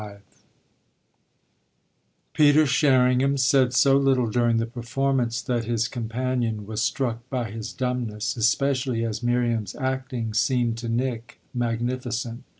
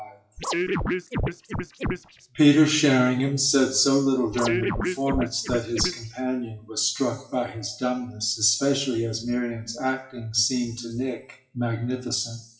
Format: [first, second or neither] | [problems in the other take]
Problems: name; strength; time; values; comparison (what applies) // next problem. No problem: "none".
first | noise reduction (classical method WPE with log-MMSE)